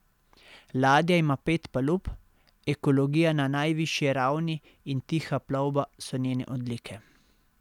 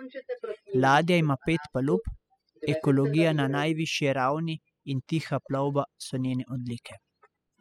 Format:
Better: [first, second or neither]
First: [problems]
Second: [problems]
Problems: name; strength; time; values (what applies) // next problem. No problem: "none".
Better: first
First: none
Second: noise reduction (classical method spectral subtraction)